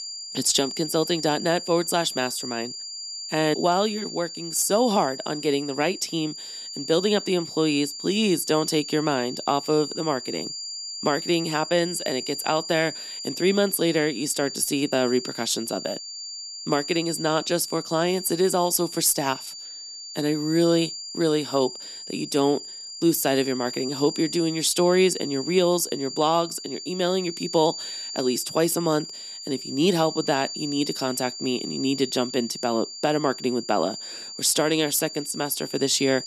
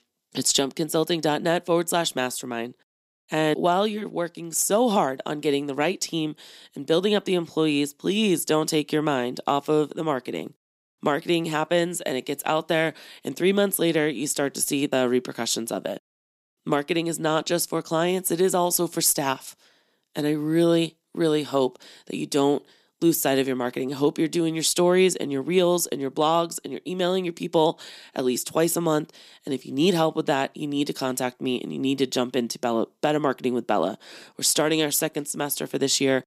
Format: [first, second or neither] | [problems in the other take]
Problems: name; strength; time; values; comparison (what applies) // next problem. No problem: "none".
second | high-pitched whine; loud; throughout; 4.5 kHz, 9 dB below the speech